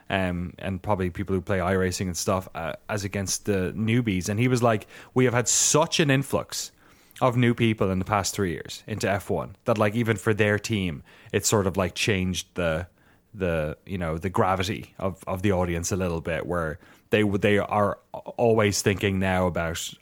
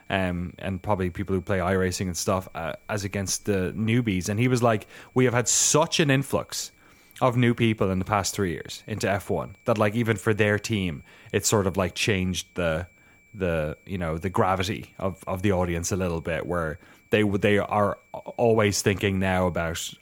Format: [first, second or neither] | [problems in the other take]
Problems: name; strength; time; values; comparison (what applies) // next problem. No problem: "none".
first | high-pitched whine; faint; throughout; 2.5 kHz, 35 dB below the speech